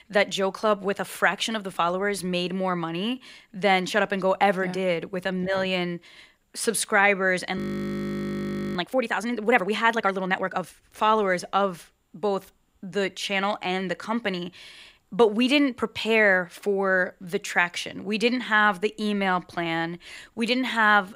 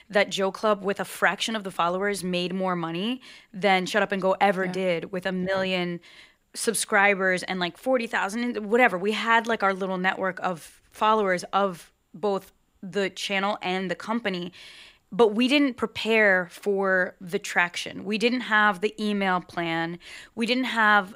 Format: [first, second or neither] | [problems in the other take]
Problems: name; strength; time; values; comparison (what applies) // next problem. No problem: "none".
second | audio freezing; at 7.5 s for 1 s